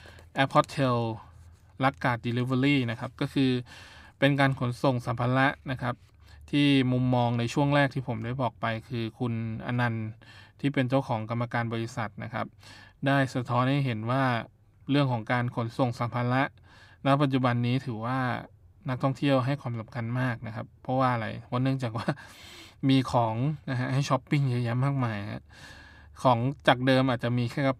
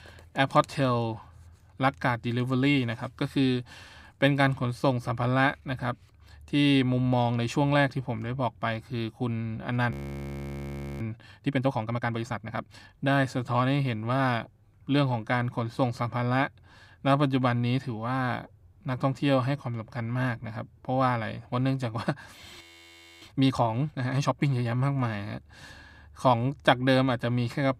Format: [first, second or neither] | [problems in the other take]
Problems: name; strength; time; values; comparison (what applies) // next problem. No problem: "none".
first | audio freezing; at 10 s for 1 s and at 23 s for 0.5 s